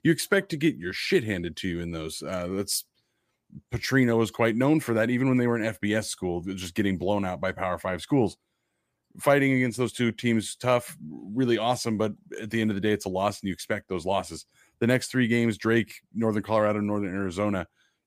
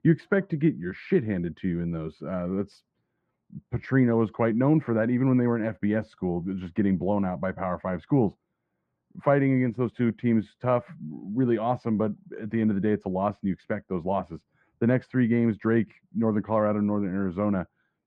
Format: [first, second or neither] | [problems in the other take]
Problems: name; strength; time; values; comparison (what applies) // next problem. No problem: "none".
first | muffled; very; fading above 1 kHz